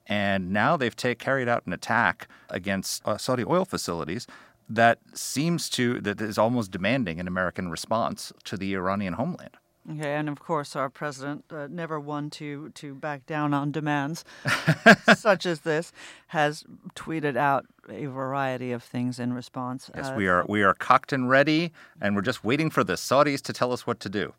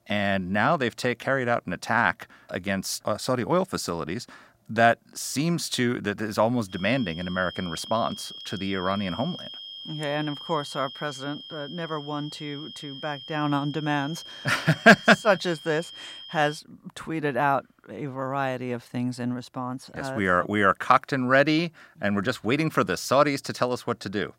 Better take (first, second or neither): first